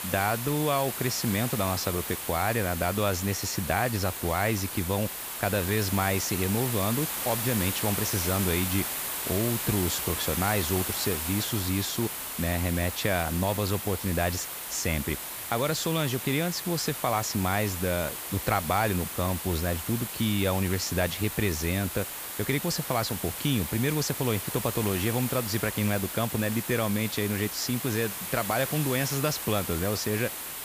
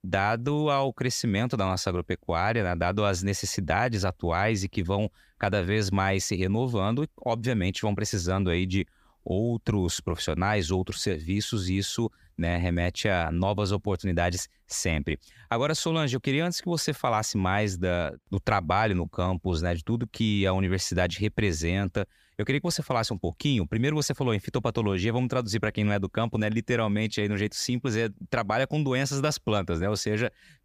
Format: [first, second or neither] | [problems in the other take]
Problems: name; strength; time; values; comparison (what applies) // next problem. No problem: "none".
second | hiss; loud; throughout; 4 dB below the speech